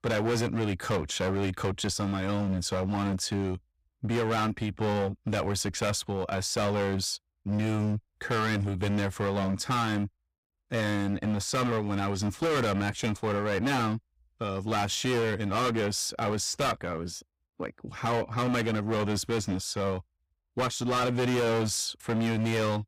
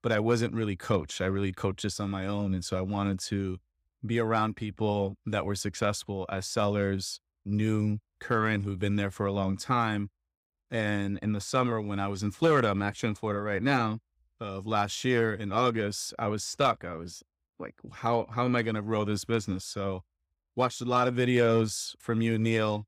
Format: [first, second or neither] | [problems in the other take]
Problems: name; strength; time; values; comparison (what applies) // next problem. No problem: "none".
second | distortion; heavy; 20% of the sound clipped